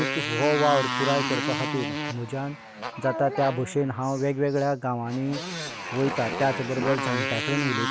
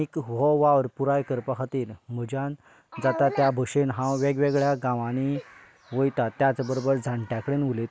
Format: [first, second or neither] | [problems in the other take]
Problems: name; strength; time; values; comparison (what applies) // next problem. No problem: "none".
second | background sound (Motorcycle); 4 dB below the speech